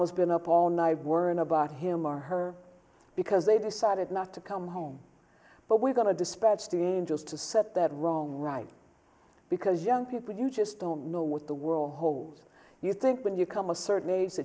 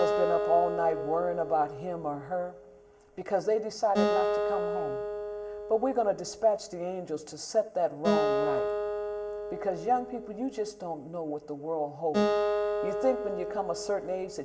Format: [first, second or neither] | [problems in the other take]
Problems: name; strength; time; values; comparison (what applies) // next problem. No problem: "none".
first | background sound (Acoustic guitar); 1 dB below the speech // room echo; dies away in 0.4 s